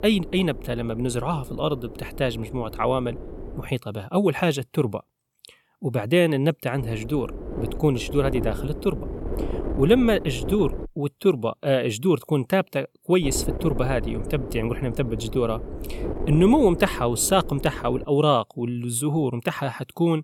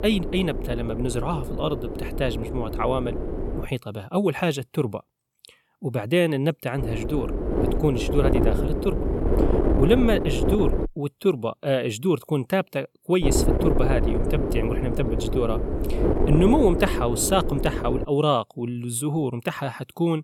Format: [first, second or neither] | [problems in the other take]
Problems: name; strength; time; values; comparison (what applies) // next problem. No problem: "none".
first | wind noise on the microphone; heavy; until 3.5 s, from 7 to 11 s and from 13 to 18 s; 3 dB below the speech; occasional gusts in the first